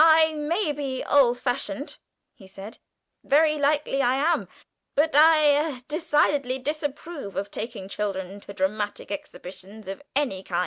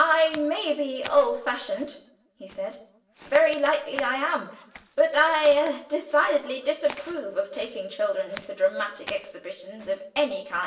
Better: first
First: none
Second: background sound (Walk, footsteps); 20 dB below the speech // room echo; dies away in 0.8 s

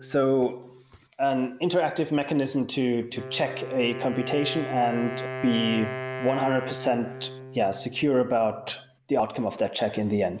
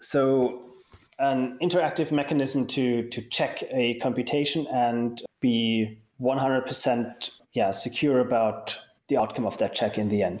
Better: second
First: background sound (Wind instrument, woodwind instrument); 11 dB below the speech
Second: none

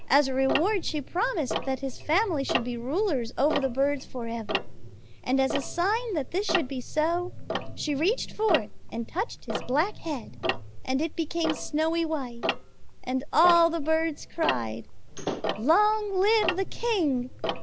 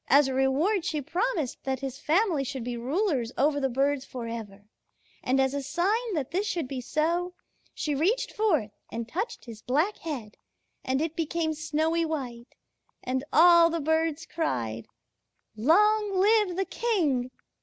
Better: second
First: background sound (Slam / Wood + Tick-tock); 5 dB below the speech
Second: none

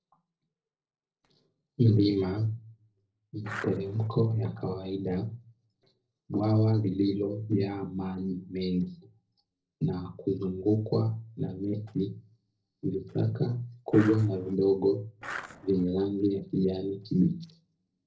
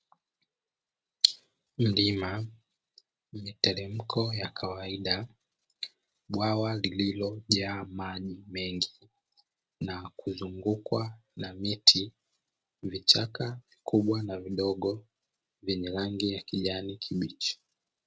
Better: second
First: noise reduction (neural separator model SepFormer DNS4)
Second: none

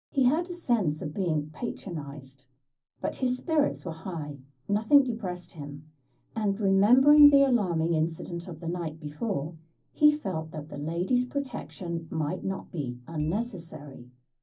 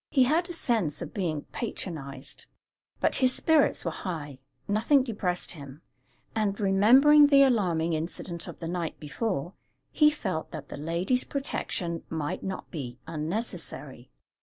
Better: second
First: background sound (Marimba, xylophone / Wood); 15 dB below the speech // room echo; dies away in 0.4 s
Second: none

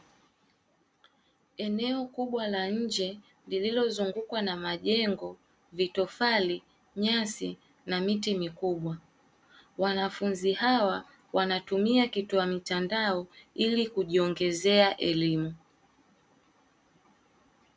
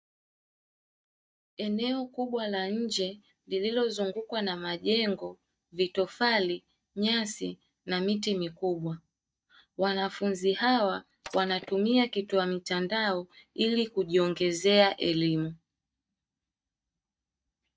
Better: first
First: none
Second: noise reduction (neural mask model DeepFilterNet 3)

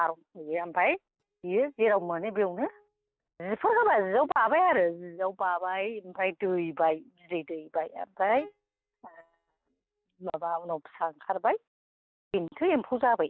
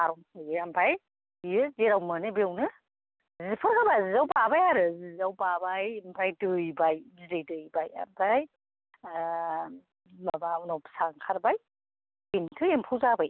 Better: second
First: noise reduction (neural mask model DeepFilterNet 3)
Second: none

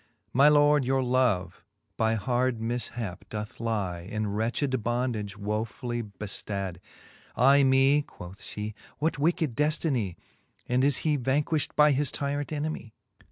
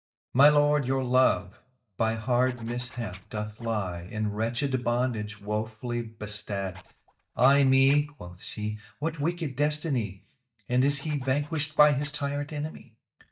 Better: first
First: none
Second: noise reduction (neural mask model DeepFilterNet 3)

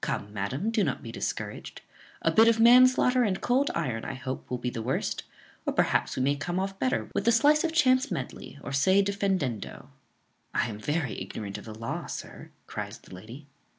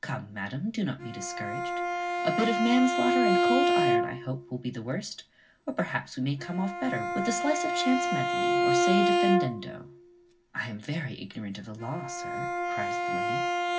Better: first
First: none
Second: background sound (Bowed string instrument); 2 dB above the speech // room echo; dies away in 0.4 s

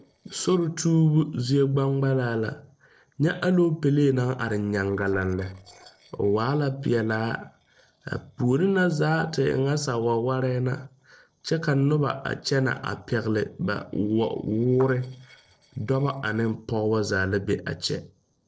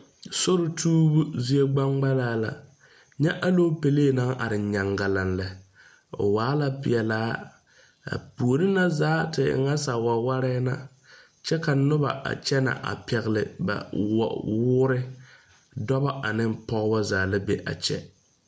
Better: second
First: noise reduction (neural separator model SepFormer DNS4)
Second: none

